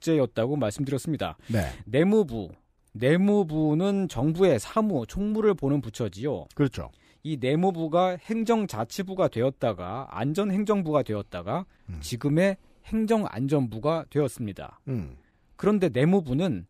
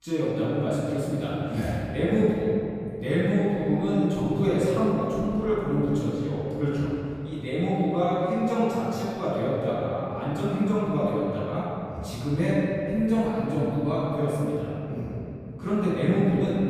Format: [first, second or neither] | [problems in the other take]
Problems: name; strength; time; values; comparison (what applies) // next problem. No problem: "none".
first | off-mic speech; far // room echo; strong; dies away in 2.7 s